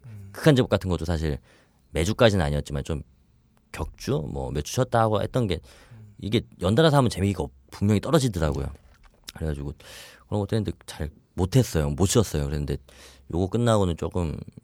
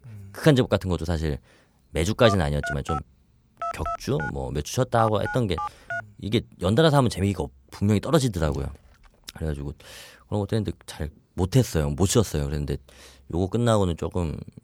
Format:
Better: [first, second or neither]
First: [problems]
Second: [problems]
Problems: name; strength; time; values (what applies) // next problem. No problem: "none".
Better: first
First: none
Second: phone ringing; noticeable; from 2 to 6 s; peak 5 dB below the speech